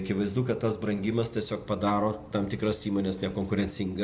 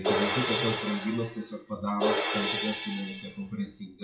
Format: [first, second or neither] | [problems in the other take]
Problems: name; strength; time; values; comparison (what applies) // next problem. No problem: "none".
first | noise reduction (classical method WPE with log-MMSE)